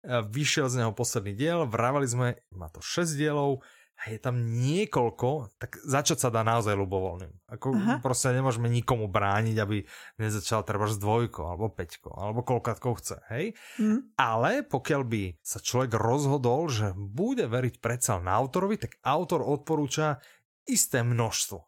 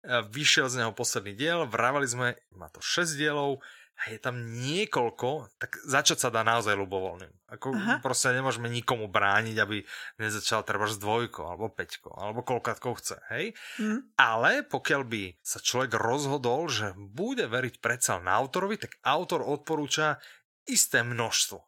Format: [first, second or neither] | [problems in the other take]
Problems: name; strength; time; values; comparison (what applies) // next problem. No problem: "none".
first | thin; somewhat; fading below 300 Hz